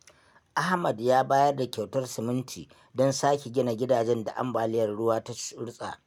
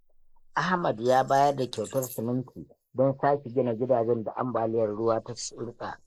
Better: first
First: none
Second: noise reduction (neural mask model Resemble Enhance denoiser)

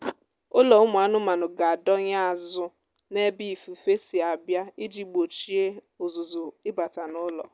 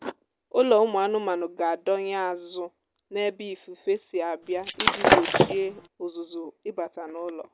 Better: first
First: none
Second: background sound (Shatter); 5 dB above the speech

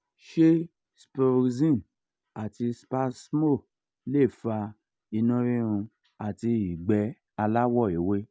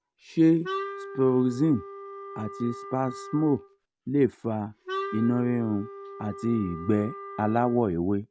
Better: first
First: none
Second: background sound (Wind instrument, woodwind instrument); 12 dB below the speech

